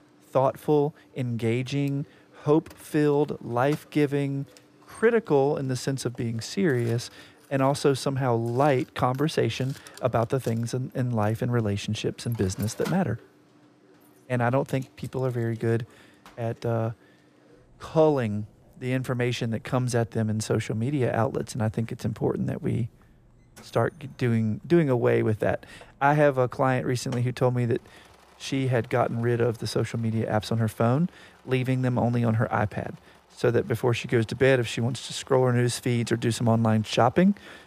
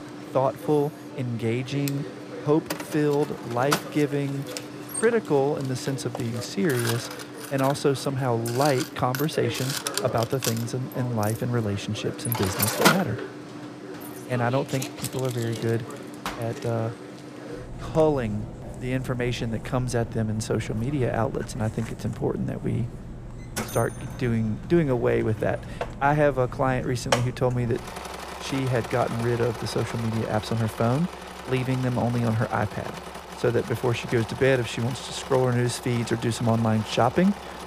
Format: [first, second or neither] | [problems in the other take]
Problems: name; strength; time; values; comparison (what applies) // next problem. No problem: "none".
first | machinery noise; loud; throughout; 8 dB below the speech; faint in the first